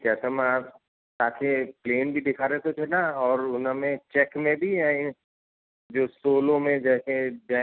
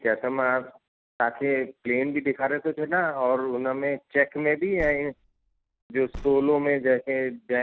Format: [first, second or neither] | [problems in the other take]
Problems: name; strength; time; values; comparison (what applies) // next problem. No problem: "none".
first | background sound (Car); 18 dB below the speech